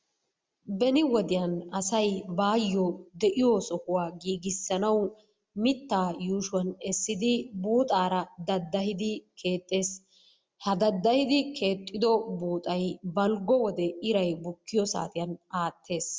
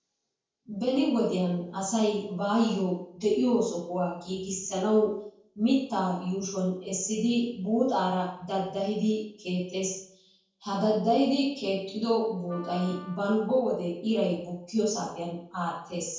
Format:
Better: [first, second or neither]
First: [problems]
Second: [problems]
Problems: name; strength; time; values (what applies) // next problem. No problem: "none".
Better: first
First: none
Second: noise reduction (neural separator model SepFormer DNS4)